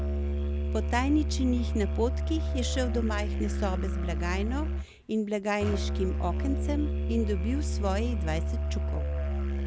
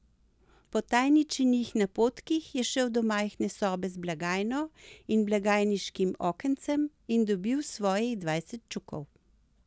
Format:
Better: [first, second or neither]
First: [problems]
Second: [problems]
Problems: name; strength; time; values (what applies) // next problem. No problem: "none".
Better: second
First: background sound (Musical instrument); 3 dB above the speech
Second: none